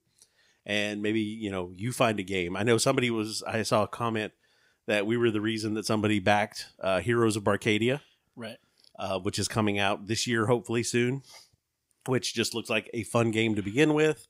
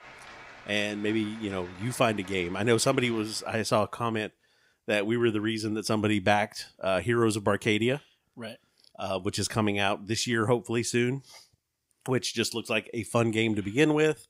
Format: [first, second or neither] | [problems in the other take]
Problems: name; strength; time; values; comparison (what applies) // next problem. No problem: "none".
first | crowd noise; noticeable; until 3.5 s; 20 dB below the speech